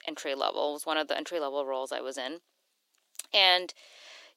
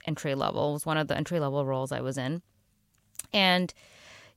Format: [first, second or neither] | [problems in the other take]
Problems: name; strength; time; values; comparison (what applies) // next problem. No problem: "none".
second | thin; very; fading below 300 Hz